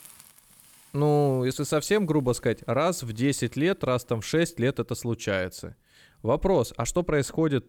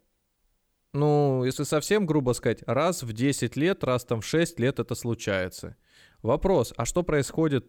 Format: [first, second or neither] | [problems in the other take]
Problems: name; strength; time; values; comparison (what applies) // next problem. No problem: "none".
second | hiss; faint; throughout; 30 dB below the speech